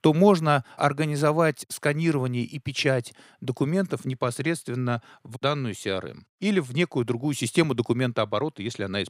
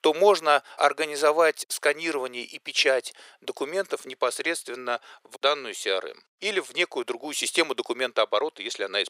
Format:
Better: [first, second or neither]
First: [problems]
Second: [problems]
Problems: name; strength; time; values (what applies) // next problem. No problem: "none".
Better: first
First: none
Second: thin; very; fading below 450 Hz